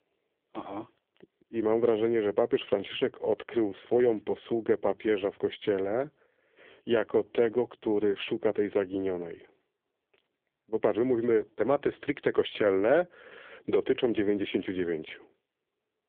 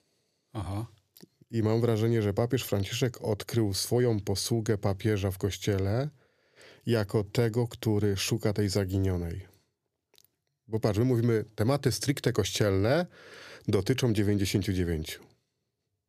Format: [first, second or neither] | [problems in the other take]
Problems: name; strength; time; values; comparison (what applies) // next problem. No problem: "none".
second | phone-call audio; poor line